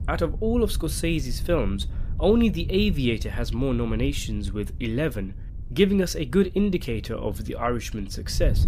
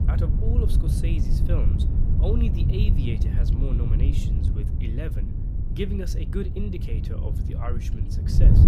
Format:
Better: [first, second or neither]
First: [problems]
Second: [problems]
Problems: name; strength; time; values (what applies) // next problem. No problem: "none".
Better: first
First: wind noise on the microphone; occasional gusts; 20 dB below the speech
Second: wind noise on the microphone; heavy; 1 dB below the speech